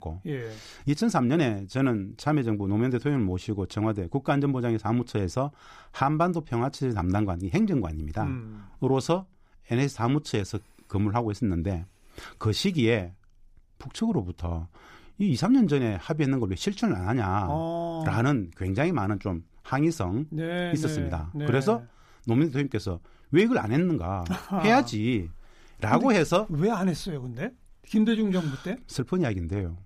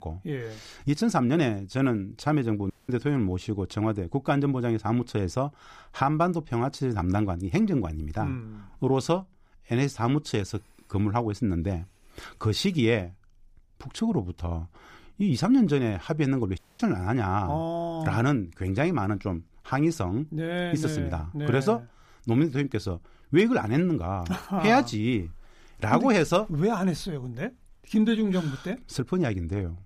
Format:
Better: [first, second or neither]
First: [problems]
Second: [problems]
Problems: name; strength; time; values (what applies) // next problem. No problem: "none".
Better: first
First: none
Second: audio cutting out; at 2.5 s and at 17 s